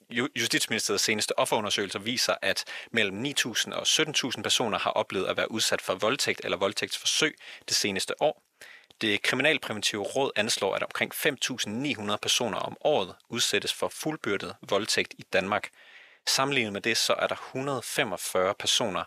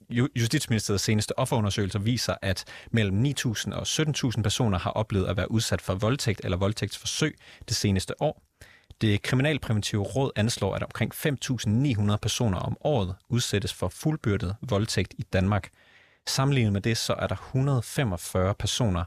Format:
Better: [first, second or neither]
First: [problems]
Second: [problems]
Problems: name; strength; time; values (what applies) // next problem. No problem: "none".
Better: second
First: thin; somewhat; fading below 400 Hz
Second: none